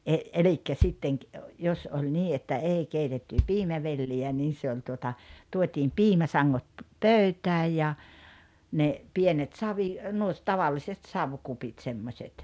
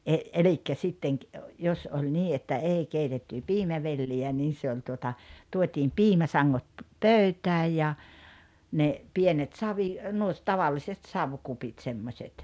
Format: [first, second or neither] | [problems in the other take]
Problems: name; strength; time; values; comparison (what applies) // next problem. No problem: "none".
second | background sound (Bass drum); 6 dB below the speech